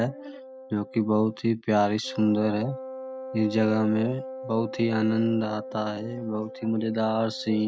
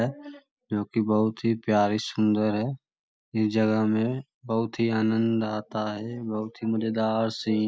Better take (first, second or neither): second